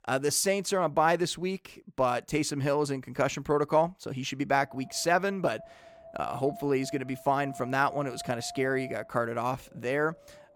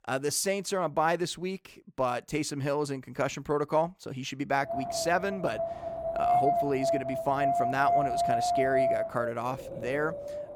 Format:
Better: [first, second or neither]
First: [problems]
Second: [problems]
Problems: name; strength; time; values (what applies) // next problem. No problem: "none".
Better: first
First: wind noise on the microphone; occasional gusts; from 4.5 s on; 15 dB below the speech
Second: wind noise on the microphone; heavy; from 4.5 s on; 2 dB above the speech